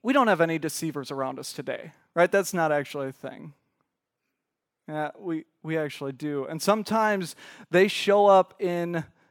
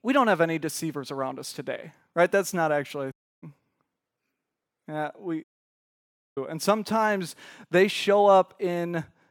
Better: first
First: none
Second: audio cutting out; at 3 s and at 5.5 s for 1 s

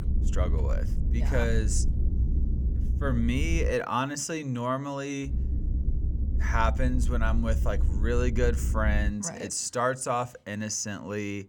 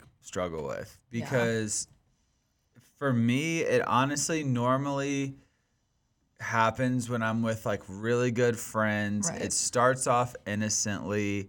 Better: second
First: low rumble; noticeable; until 3.5 s and from 5.5 to 9 s; 15 dB below the speech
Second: none

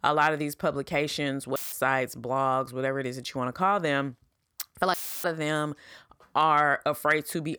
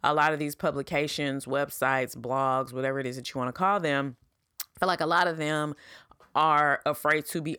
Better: second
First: audio cutting out; filled with static; at 1.5 s and at 5 s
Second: none

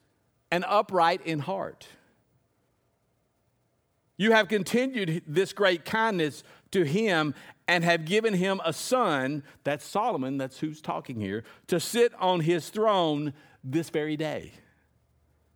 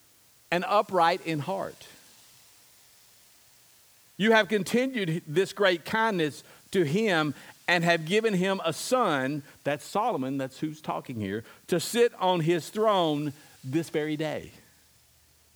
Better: first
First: none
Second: hiss; faint; throughout; 30 dB below the speech

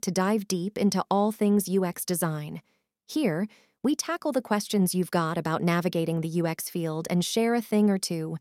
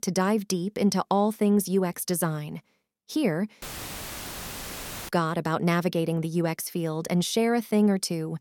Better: first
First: none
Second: audio cutting out; filled with static; at 3.5 s for 1.5 s

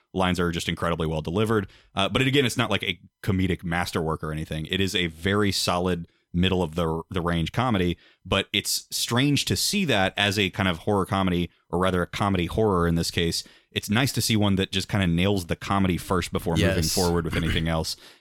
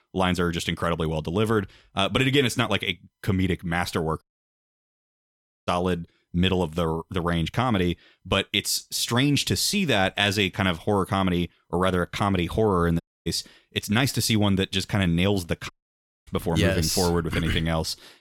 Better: first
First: none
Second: audio cutting out; at 4 s for 1.5 s, at 13 s and at 16 s for 0.5 s

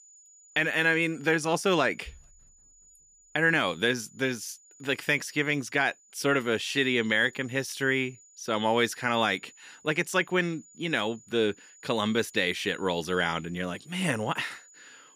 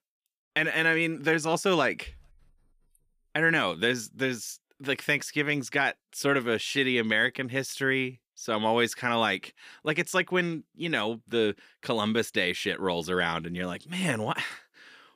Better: second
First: high-pitched whine; faint; throughout; 7 kHz, 25 dB below the speech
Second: none

